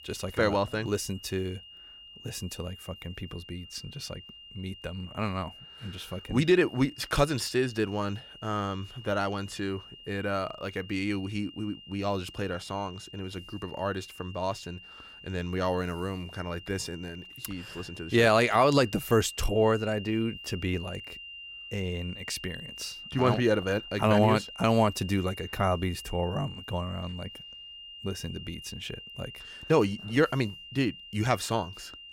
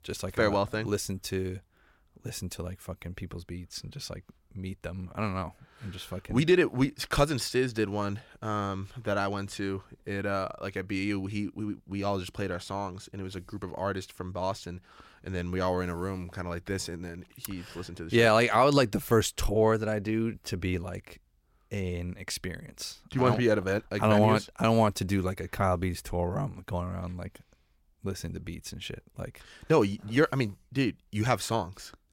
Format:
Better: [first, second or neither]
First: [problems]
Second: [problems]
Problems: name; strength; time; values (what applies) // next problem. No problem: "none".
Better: second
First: high-pitched whine; noticeable; throughout; 3 kHz, 15 dB below the speech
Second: none